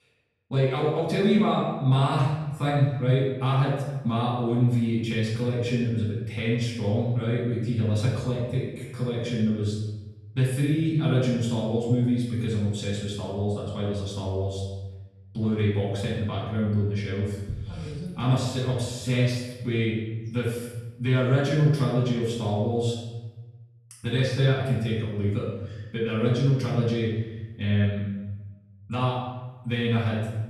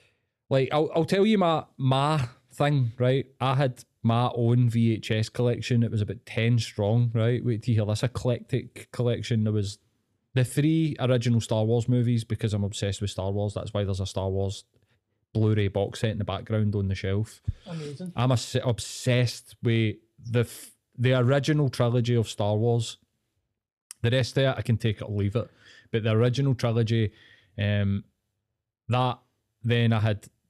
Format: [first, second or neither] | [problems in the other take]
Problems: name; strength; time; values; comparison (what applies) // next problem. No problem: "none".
second | off-mic speech; far // room echo; noticeable; dies away in 1 s